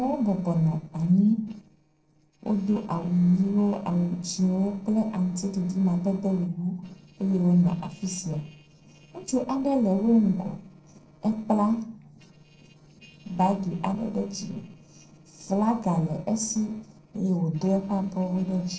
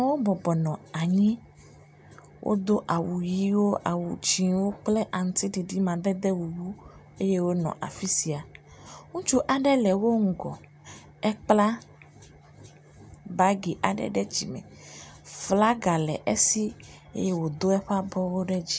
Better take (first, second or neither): second